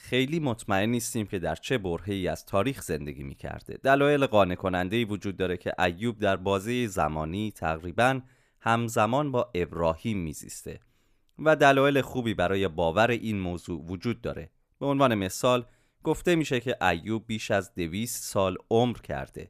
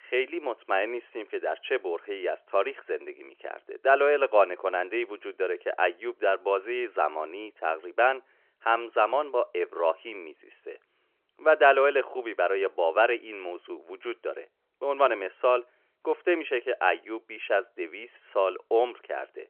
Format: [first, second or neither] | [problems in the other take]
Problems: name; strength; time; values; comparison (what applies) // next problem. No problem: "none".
first | phone-call audio